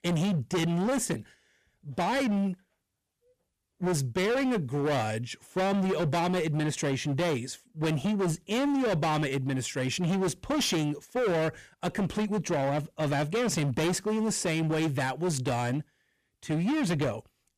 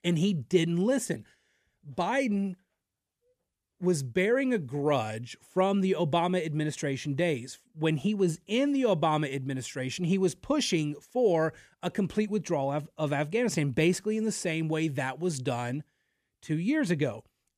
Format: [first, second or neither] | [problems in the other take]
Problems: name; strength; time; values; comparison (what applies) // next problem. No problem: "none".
second | distortion; heavy; 24% of the sound clipped